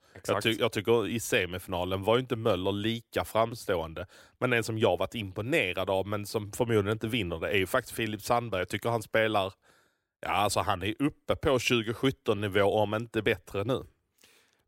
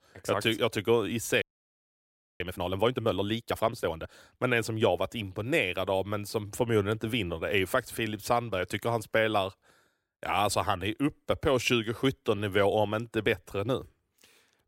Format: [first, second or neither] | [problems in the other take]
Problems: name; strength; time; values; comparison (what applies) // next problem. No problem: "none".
first | audio freezing; at 1.5 s for 1 s